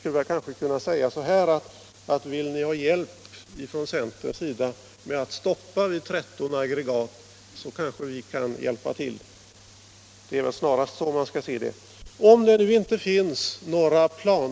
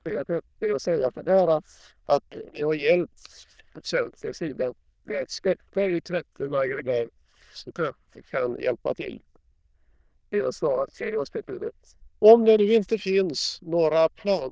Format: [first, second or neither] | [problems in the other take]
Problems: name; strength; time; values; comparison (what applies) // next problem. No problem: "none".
first | noise reduction (neural diffusion model UNIVERSE++)